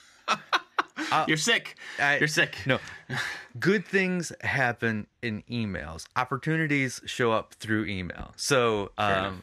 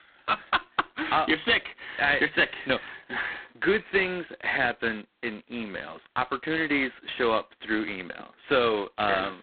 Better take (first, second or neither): first